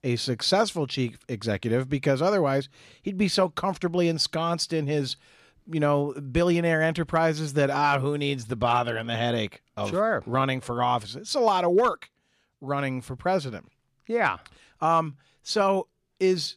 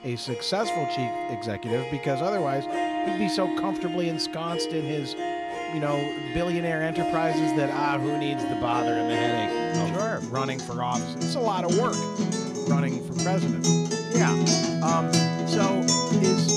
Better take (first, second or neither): first